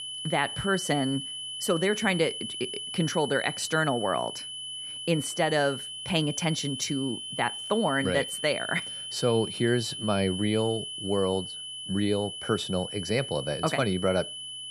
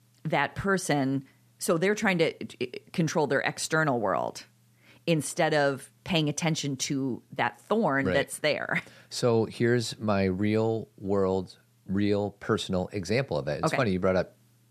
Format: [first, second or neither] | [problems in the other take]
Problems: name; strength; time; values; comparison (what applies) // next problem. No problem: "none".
second | high-pitched whine; loud; throughout; 3 kHz, 6 dB below the speech